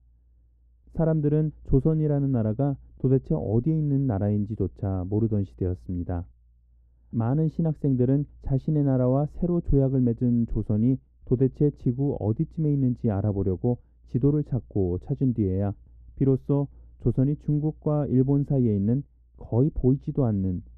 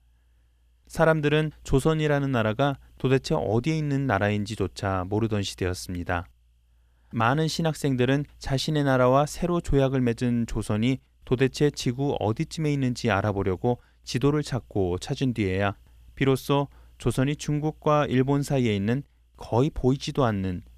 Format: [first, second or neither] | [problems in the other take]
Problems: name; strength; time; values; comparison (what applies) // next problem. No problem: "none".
second | muffled; very; fading above 1 kHz